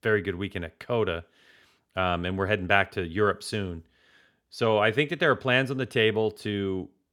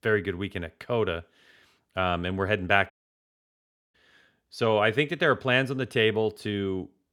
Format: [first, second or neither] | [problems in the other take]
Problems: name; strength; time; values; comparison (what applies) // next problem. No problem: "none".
first | audio cutting out; at 3 s for 1 s